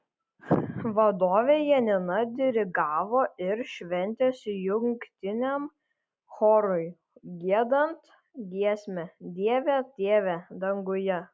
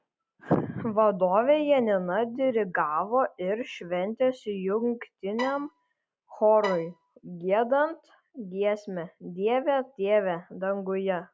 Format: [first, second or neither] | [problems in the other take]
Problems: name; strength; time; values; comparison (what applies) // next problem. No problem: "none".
first | background sound (Bowed string instrument); 13 dB below the speech